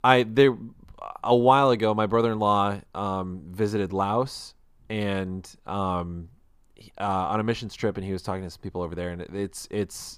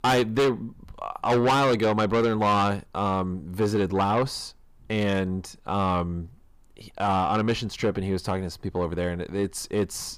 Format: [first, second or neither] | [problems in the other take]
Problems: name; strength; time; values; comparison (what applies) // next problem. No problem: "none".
first | distortion; heavy; 6 dB below the speech